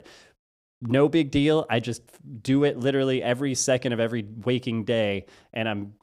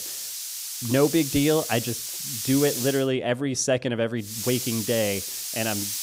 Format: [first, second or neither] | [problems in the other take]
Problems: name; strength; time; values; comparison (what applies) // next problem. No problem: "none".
first | hiss; loud; until 3 s and from 4.5 s on; 4 dB below the speech